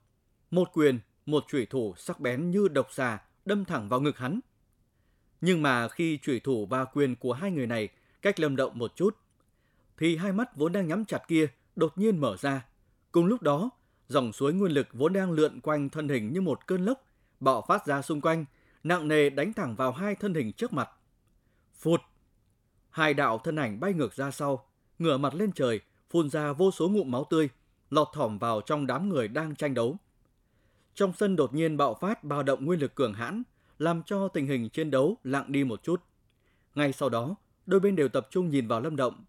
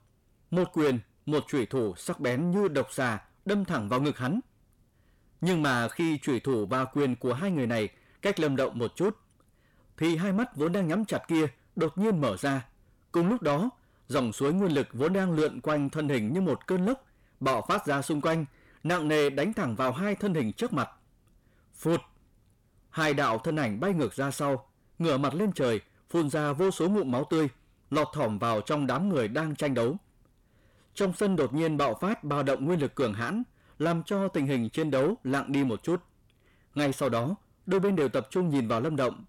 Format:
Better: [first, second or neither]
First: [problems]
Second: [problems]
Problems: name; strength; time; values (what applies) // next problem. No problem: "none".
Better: first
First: none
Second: distortion; slight; 10 dB below the speech